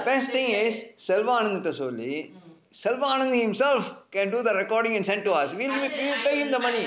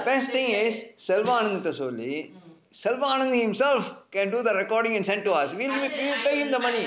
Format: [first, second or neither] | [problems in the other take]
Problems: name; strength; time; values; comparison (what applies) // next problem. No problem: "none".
first | background sound (Snare drum); 18 dB below the speech